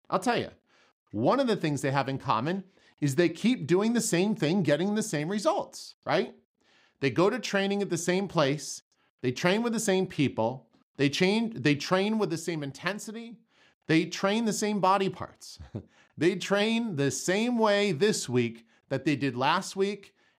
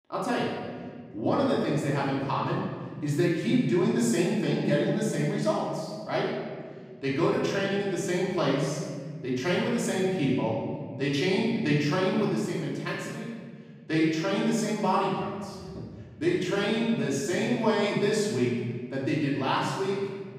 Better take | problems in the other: first | room echo; strong; dies away in 1.9 s // off-mic speech; far

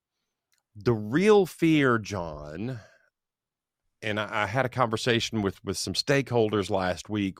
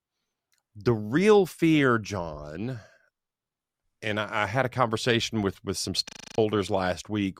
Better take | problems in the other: first | audio freezing; at 6 s

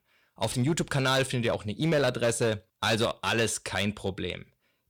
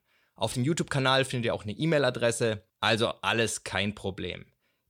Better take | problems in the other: second | distortion; slight; 7% of the sound clipped

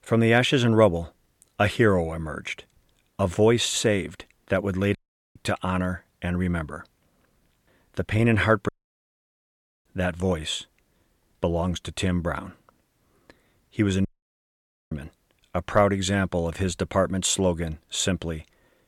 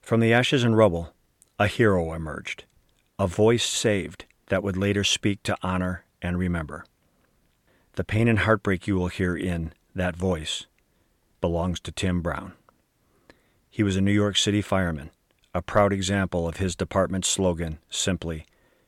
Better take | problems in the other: second | audio cutting out; at 5 s, at 8.5 s for 1 s and at 14 s for 1 s

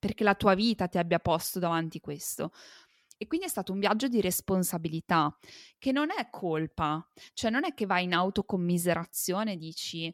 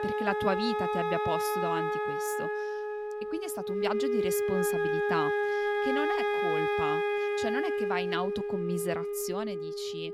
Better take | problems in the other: first | background music; very loud; throughout; 4 dB above the speech

